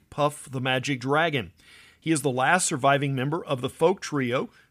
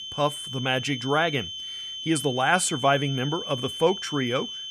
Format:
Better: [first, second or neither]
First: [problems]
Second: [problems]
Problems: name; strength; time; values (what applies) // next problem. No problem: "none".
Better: first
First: none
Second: high-pitched whine; loud; throughout; 3 kHz, 7 dB below the speech